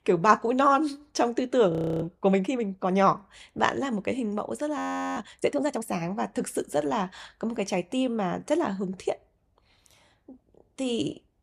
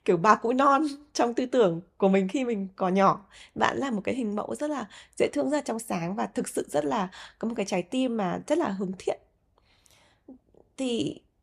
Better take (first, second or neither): second